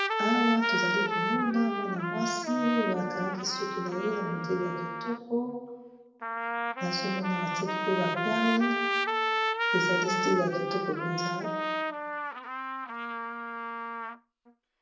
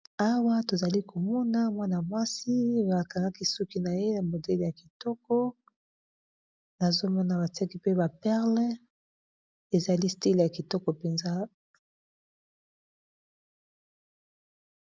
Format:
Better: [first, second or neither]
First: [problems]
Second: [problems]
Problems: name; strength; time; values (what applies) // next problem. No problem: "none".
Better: second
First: background sound (Trumpet); as loud as the speech // room echo; dies away in 0.9 s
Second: none